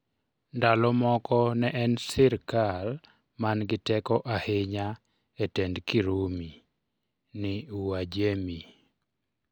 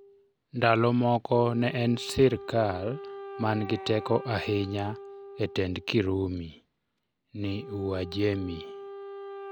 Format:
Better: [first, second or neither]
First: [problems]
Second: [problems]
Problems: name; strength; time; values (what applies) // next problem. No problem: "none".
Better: first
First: none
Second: background sound (Wind instrument, woodwind instrument); 14 dB below the speech